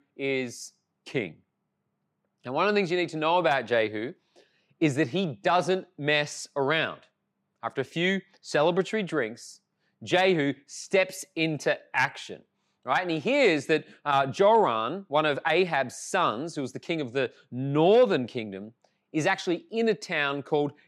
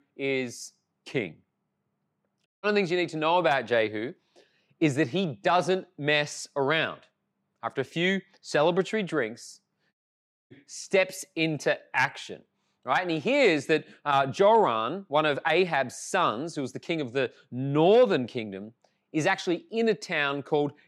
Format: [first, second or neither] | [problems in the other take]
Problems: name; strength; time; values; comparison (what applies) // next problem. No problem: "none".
first | audio cutting out; at 2.5 s and at 10 s for 0.5 s